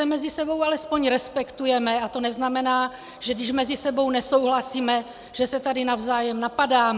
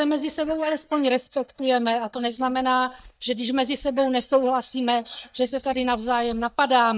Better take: first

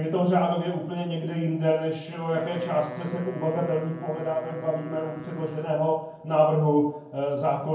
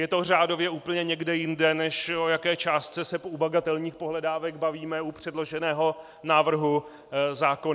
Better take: second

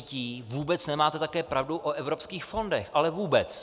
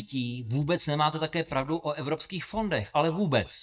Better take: first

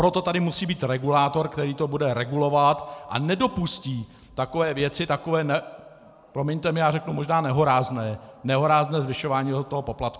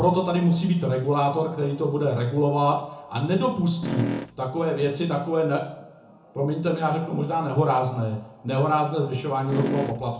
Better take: first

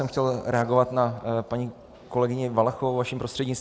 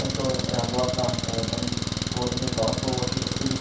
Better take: first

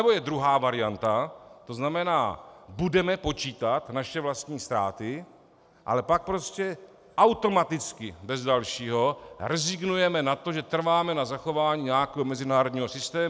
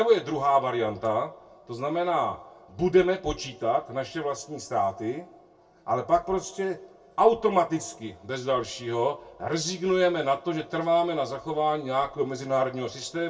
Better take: first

